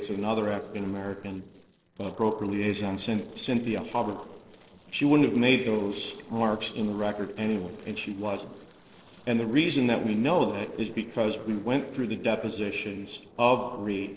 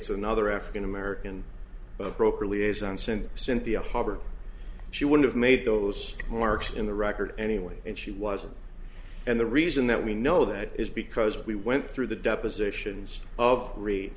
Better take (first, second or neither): second